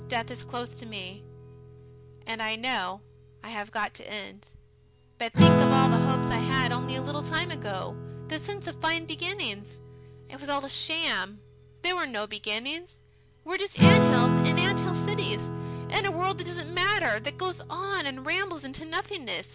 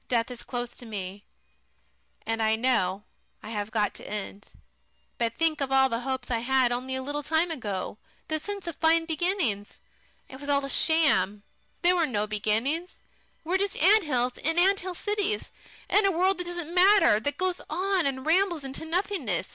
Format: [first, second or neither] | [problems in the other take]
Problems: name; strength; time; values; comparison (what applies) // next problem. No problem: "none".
second | background sound (Acoustic guitar / Strum); 3 dB above the speech